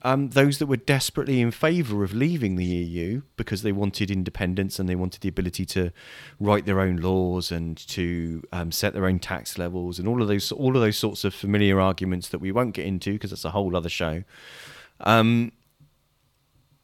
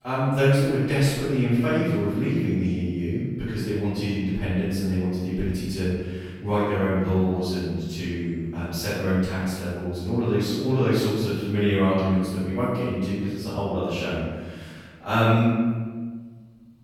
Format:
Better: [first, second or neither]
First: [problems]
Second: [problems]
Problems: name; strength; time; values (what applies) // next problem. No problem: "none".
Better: first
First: none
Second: room echo; strong; dies away in 1.4 s // off-mic speech; far